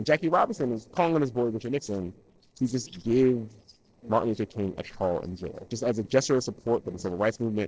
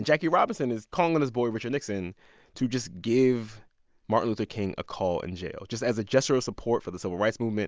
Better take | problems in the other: second | noise reduction (neural separator model SepFormer DNS4)

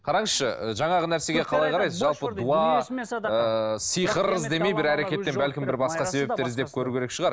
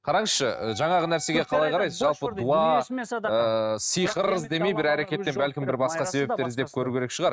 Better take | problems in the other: first | noise reduction (neural mask model RNNoise)

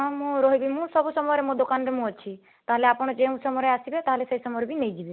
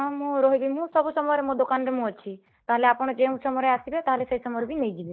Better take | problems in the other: first | noise reduction (neural mask model DeepFilterNet 3)

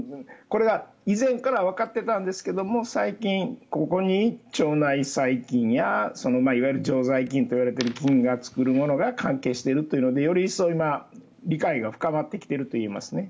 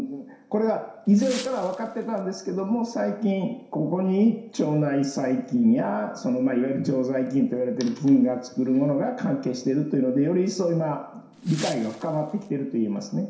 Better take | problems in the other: first | background sound (Wind); 17 dB below the speech // room echo; dies away in 0.7 s

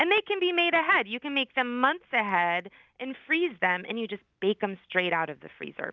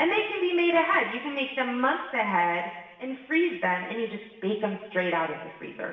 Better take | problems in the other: first | room echo; dies away in 1.3 s

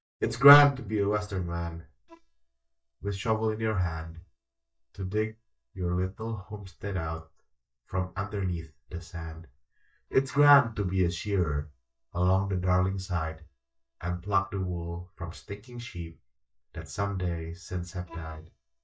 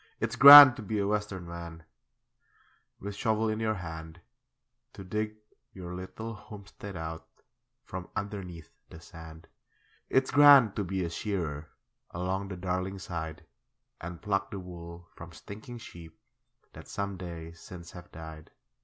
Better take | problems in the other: second | noise reduction (neural mask model DeepFilterNet 3)

